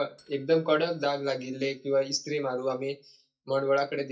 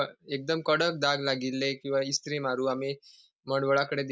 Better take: second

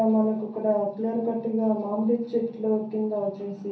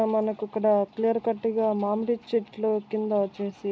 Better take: second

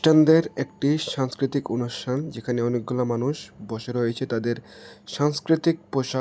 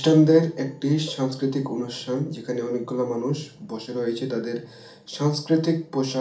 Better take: first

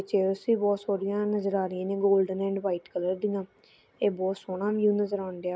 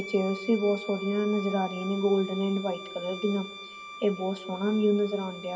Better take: first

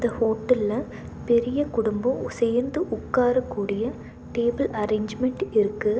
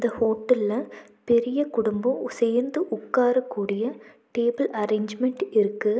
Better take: second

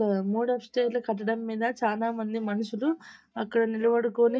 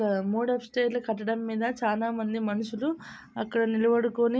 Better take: second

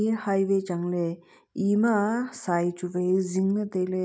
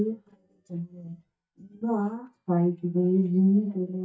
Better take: first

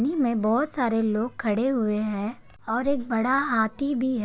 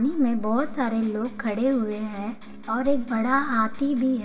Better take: first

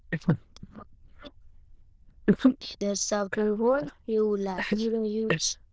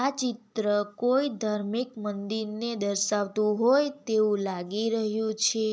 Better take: second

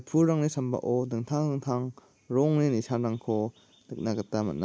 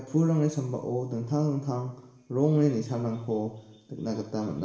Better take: first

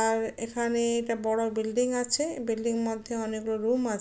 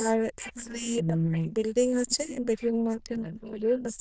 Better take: first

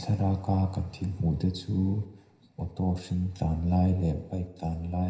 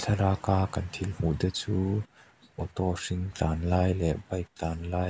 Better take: second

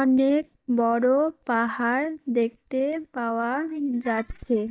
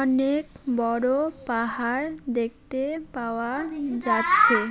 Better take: second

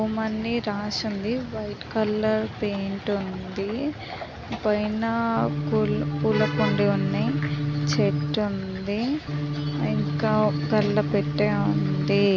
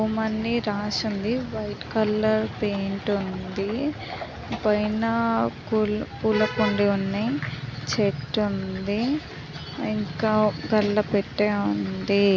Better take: second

